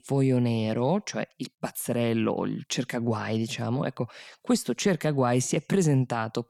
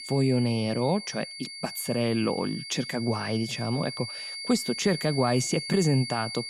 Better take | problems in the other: first | high-pitched whine; loud; throughout; 4.5 kHz, 8 dB below the speech

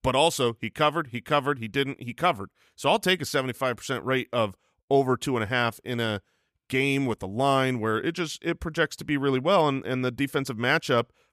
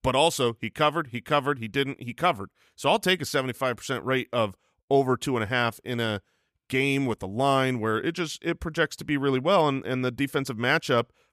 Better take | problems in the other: neither | none

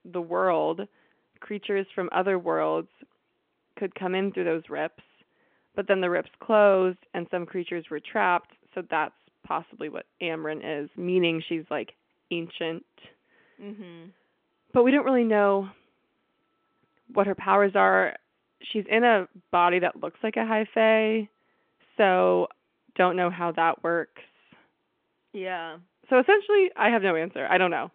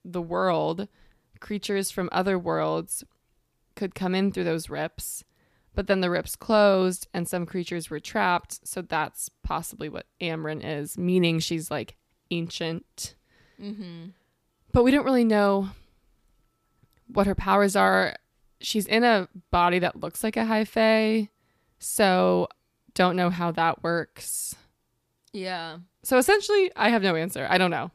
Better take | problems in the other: second | phone-call audio

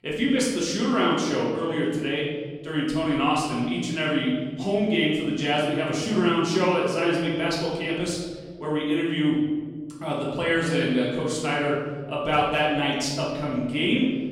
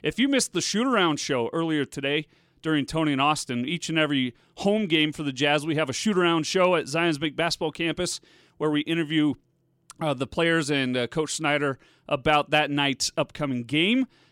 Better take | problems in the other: second | room echo; noticeable; dies away in 1.7 s // off-mic speech; far

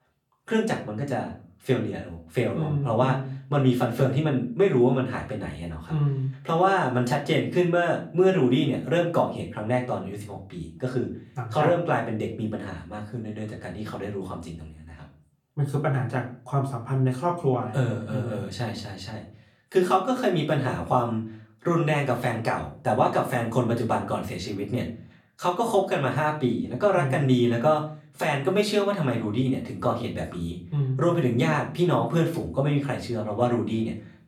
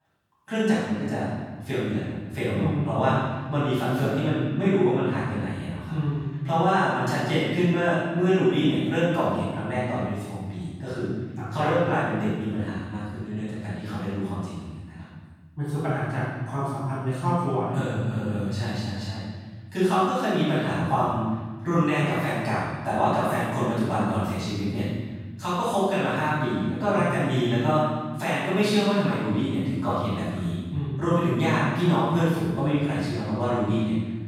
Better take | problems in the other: first | room echo; strong; dies away in 1.5 s; slight in the first // off-mic speech; far; far in the first

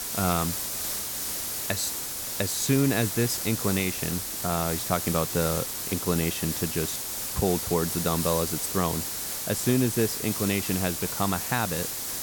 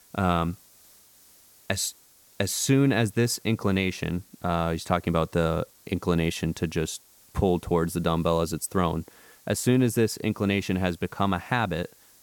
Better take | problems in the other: second | hiss; loud; throughout; 1 dB below the speech; faint in the second

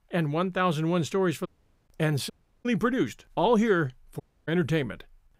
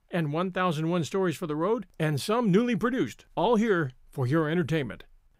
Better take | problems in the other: second | audio cutting out; at 1.5 s, at 2.5 s and at 4 s

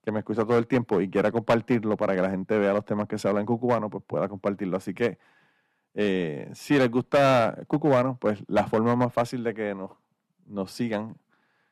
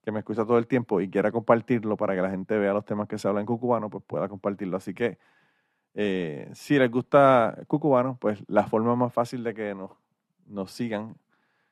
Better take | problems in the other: second | distortion; slight; 3% of the sound clipped

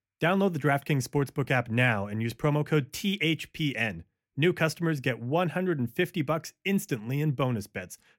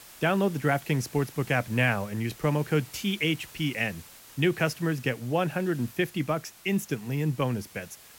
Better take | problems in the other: first | hiss; noticeable; throughout; 20 dB below the speech

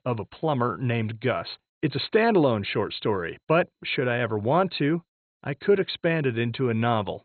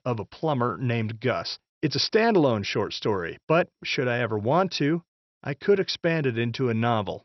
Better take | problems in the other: second | garbled, watery; badly; nothing above 4 kHz; slightly in the second

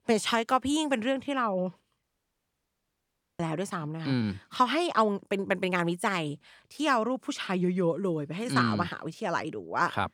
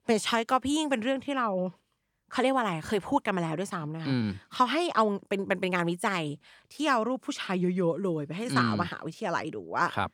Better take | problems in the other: second | audio cutting out; at 2 s for 1.5 s

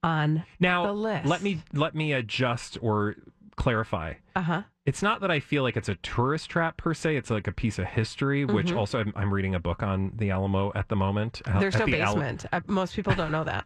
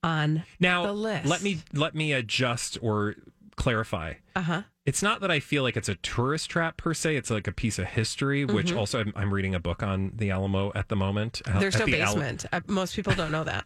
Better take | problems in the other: second | muffled; slightly; fading above 2.5 kHz

